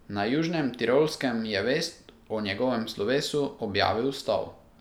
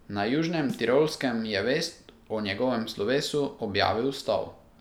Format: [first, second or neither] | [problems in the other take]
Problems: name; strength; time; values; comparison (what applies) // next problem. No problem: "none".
first | background sound (Snare drum); 19 dB below the speech